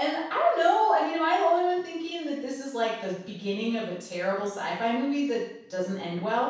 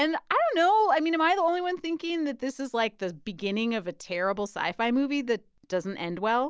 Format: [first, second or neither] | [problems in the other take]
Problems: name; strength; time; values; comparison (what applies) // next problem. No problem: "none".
second | room echo; dies away in 0.7 s